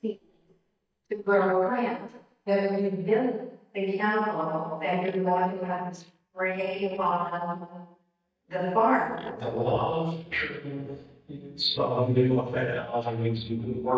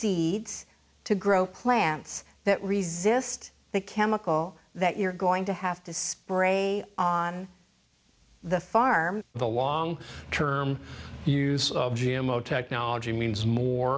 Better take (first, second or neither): second